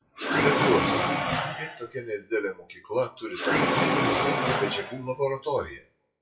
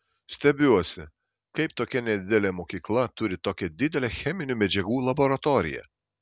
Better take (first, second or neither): second